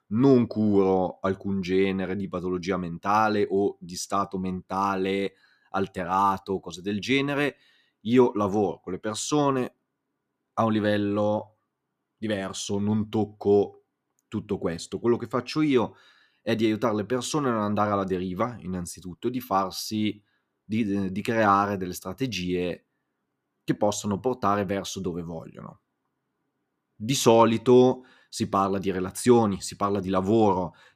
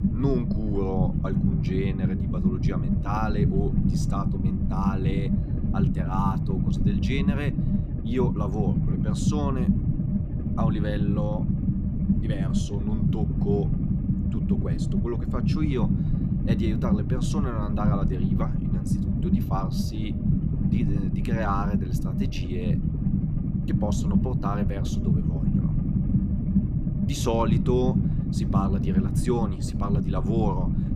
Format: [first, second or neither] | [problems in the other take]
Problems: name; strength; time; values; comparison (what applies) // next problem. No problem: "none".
first | low rumble; loud; throughout; 1 dB below the speech